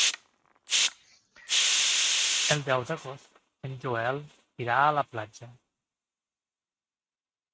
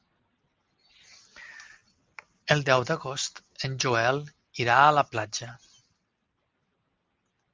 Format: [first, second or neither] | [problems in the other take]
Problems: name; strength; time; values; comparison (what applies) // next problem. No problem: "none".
second | noise reduction (neural mask model RNNoise)